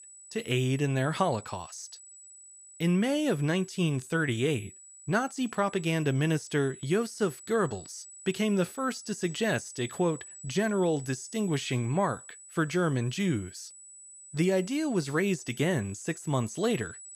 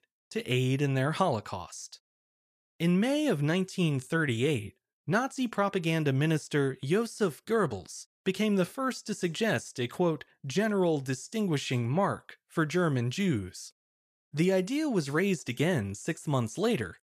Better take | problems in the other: second | high-pitched whine; noticeable; throughout; 8 kHz, 15 dB below the speech

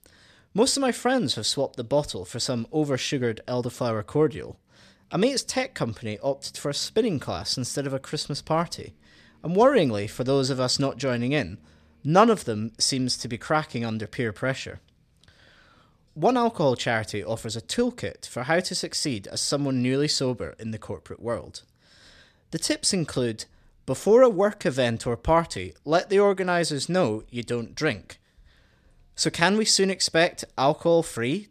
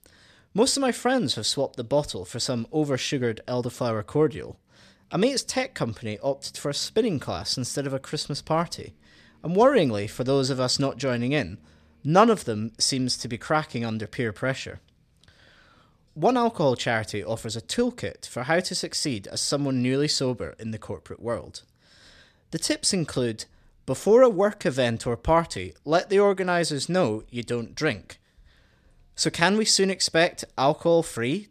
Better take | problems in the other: neither | none

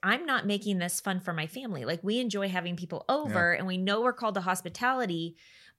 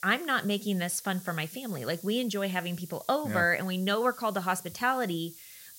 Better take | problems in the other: first | hiss; noticeable; throughout; 15 dB below the speech

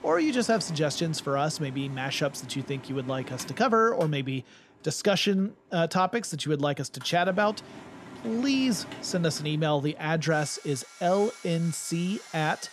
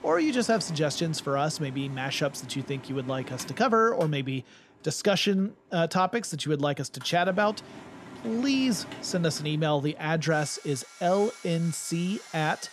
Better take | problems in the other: neither | machinery noise; noticeable; throughout; 15 dB below the speech; the same in both

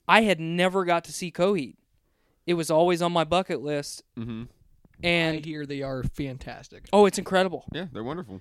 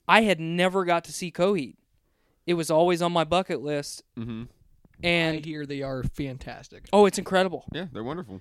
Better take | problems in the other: neither | none

